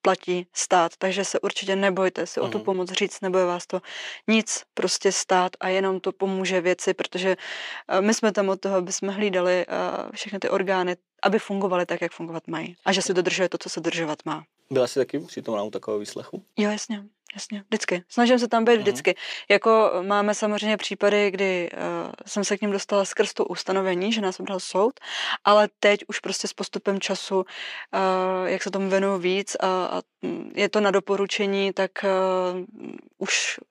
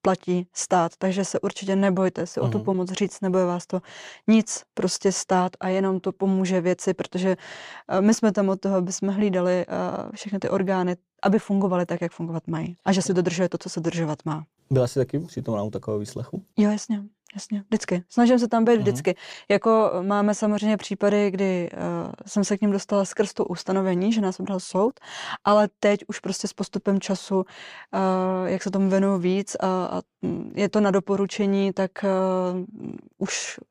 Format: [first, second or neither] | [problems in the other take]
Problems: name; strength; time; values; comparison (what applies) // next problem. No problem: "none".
second | thin; very slightly; fading below 300 Hz